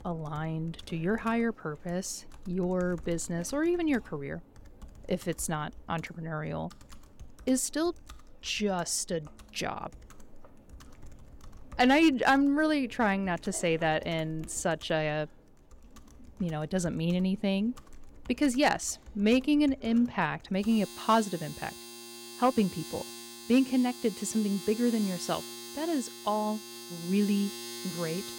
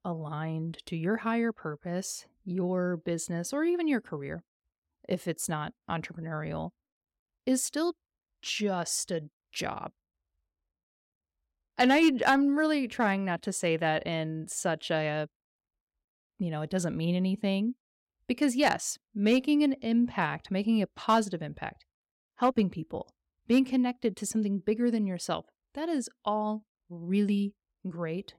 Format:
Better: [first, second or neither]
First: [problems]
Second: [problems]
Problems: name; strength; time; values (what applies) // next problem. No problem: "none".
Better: second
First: household noises; noticeable; throughout; 15 dB below the speech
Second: none